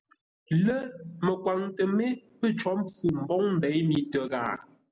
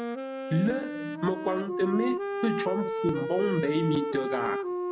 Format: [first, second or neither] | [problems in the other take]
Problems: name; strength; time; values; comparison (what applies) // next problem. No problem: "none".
first | background sound (Wind instrument, woodwind instrument); 2 dB below the speech